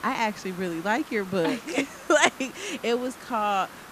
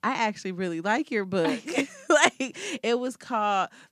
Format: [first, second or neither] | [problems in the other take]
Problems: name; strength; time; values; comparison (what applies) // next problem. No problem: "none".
second | hiss; noticeable; throughout; 15 dB below the speech